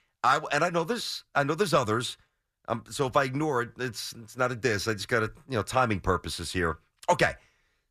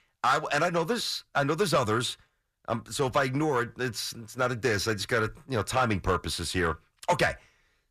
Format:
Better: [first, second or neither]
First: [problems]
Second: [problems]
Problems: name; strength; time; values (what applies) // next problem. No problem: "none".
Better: first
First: none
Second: distortion; slight; 10 dB below the speech